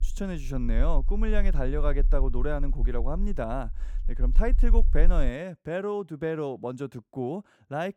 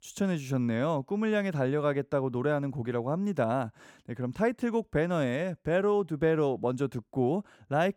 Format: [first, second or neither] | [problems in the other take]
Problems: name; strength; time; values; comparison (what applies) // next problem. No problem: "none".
second | low rumble; faint; until 5.5 s; 20 dB below the speech